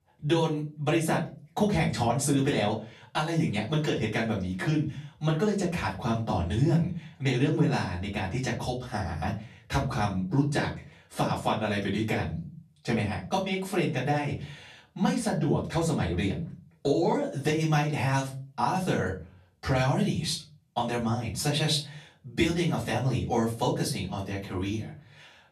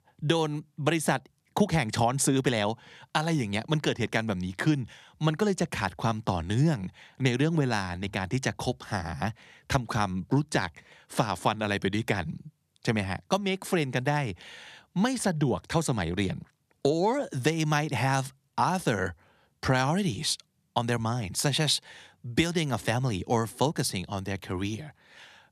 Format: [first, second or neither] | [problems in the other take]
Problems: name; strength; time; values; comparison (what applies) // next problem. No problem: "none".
second | off-mic speech; far // room echo; slight; dies away in 0.3 s